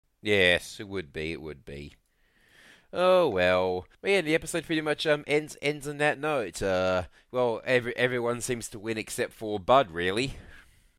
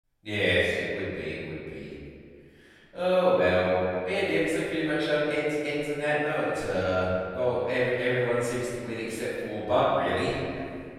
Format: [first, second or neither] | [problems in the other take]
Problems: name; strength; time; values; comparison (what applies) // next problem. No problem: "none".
first | off-mic speech; far // room echo; strong; dies away in 2.2 s